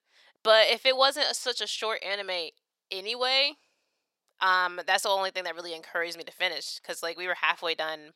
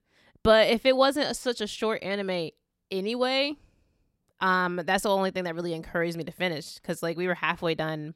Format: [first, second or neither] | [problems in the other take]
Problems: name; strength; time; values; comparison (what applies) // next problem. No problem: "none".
second | thin; very; fading below 700 Hz